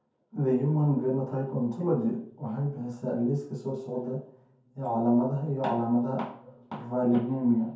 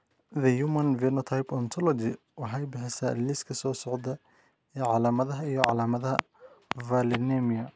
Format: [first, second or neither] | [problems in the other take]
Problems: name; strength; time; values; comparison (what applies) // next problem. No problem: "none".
second | room echo; dies away in 0.6 s